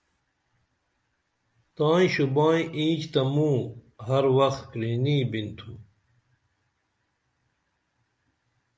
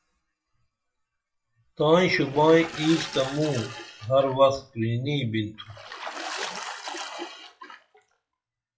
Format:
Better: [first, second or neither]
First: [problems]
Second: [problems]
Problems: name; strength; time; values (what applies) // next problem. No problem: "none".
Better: first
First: none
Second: noise reduction (classical method WPE with log-MMSE)